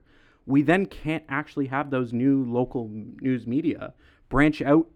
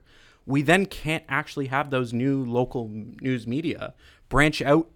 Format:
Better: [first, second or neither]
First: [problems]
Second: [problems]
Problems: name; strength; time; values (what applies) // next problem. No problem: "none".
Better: second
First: muffled; slightly; fading above 3 kHz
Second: none